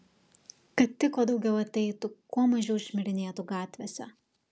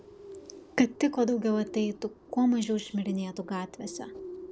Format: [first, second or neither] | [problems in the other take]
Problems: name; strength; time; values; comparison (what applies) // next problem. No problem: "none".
first | background sound (Bird); 16 dB below the speech